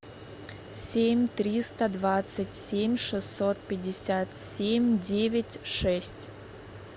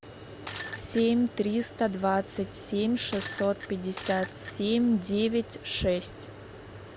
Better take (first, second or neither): first